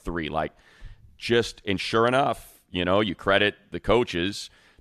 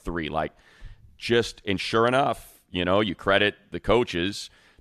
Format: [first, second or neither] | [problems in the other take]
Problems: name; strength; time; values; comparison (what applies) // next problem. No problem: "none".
neither | none